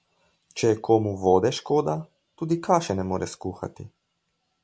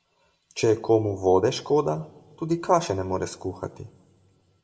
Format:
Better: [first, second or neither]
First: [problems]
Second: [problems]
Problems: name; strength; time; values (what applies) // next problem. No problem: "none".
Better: first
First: none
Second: room echo; dies away in 0.9 s